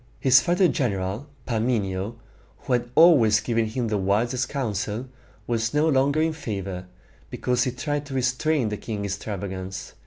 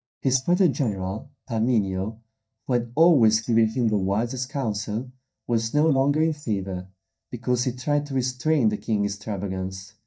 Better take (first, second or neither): first